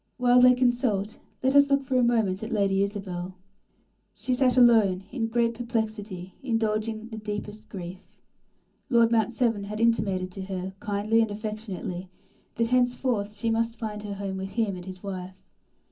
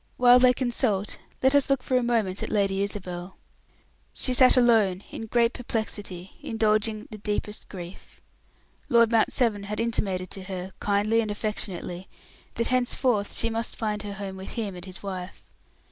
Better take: second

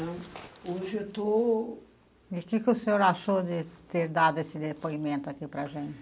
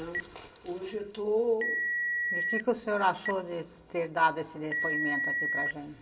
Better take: first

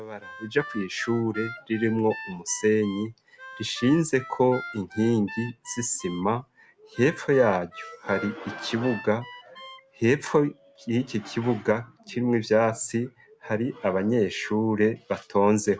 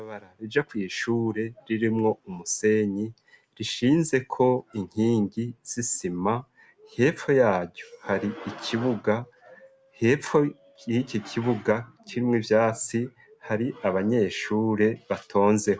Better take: second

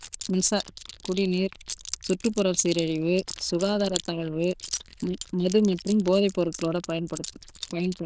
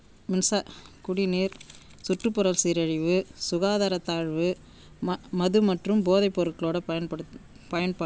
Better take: second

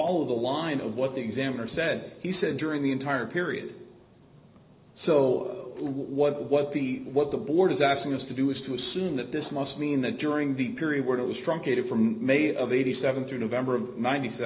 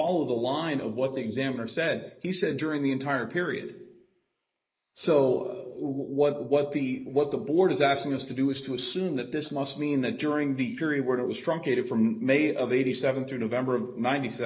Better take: first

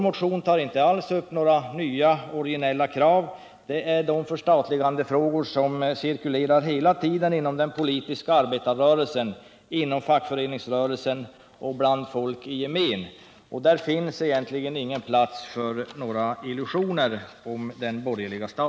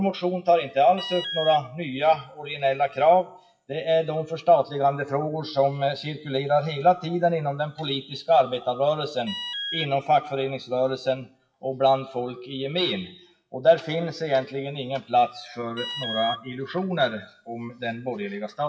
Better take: first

